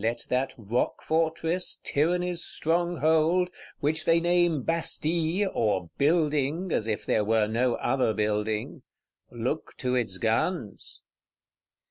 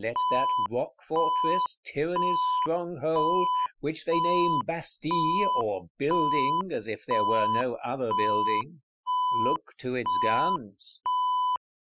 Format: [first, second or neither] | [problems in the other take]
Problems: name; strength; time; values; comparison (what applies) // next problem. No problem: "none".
first | noise reduction (classical method Wiener filter)